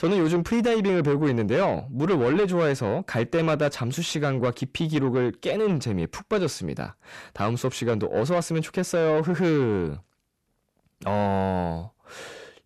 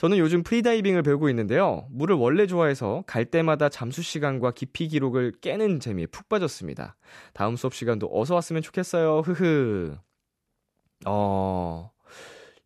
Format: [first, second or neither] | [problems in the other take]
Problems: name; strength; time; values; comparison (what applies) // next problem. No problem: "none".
second | distortion; slight; 10 dB below the speech